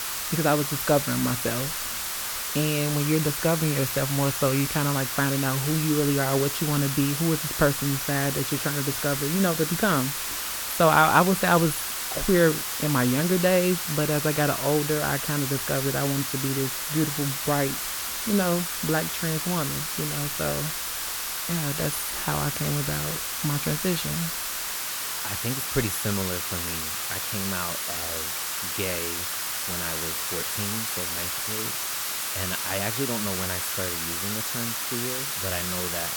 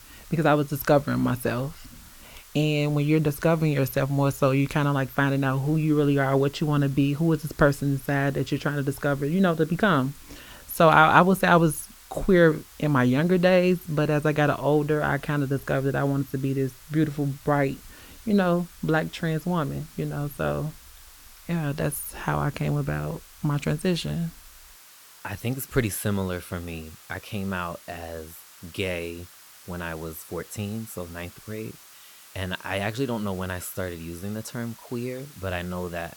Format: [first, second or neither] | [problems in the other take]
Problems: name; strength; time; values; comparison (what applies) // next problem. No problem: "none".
second | hiss; loud; throughout; 1 dB below the speech; faint in the second